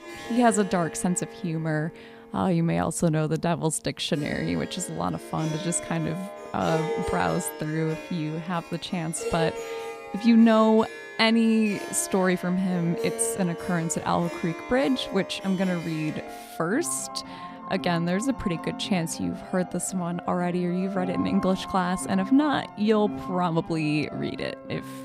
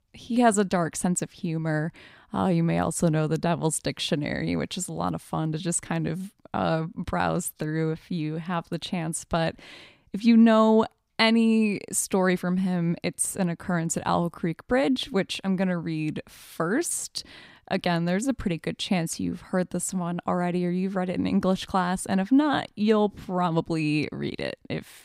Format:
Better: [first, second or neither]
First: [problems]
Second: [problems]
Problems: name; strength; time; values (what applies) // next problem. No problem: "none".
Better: second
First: background music; noticeable; throughout; 10 dB below the speech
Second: none